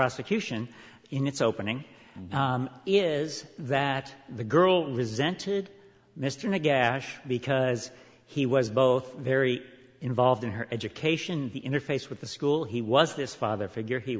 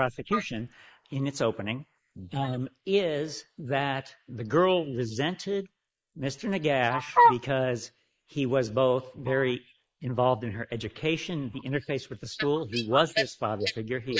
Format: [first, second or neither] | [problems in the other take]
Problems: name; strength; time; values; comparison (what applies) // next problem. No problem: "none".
first | noise reduction (neural mask model Resemble Enhance denoiser)